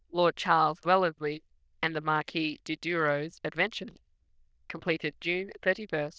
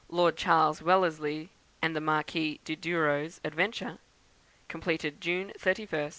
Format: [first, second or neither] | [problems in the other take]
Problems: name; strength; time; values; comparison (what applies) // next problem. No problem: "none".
second | noise reduction (neural diffusion model UNIVERSE++)